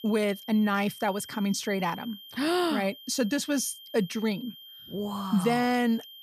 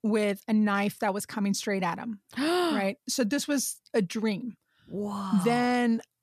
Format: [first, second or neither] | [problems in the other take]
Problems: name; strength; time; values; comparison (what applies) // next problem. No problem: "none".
second | high-pitched whine; noticeable; throughout; 3 kHz, 15 dB below the speech